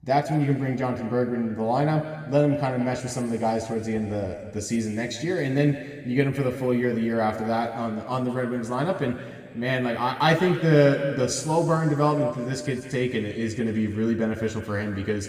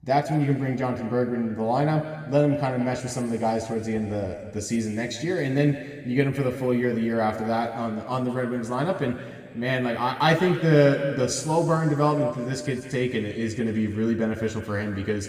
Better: neither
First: room echo; noticeable; dies away in 1.8 s // off-mic speech; somewhat distant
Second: room echo; noticeable; dies away in 1.8 s // off-mic speech; somewhat distant

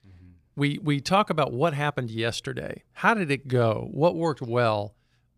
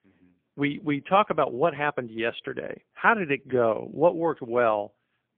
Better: first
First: none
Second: phone-call audio; poor line; nothing above 3.5 kHz

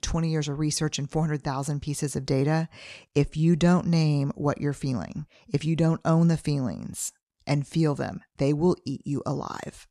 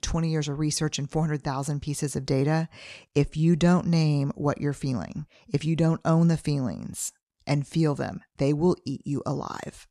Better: neither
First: none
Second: none

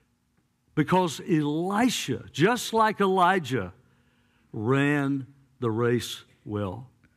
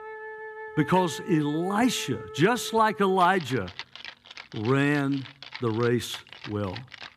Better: first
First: none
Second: background music; noticeable; throughout; 15 dB below the speech

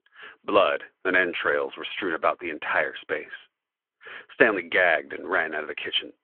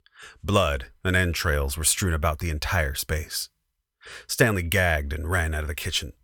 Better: second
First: phone-call audio; nothing above 3 kHz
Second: none

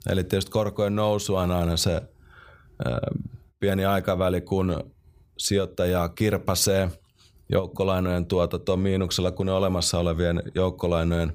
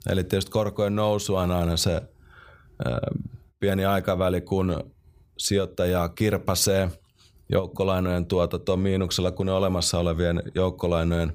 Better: neither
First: none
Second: none

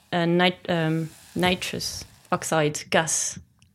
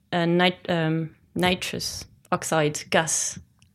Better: second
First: hiss; faint; until 2.5 s; 25 dB below the speech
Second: none

